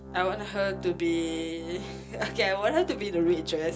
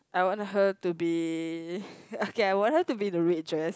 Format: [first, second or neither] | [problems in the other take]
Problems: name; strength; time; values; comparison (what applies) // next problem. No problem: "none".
second | background sound (Organ); 12 dB below the speech // room echo; dies away in 0.2 s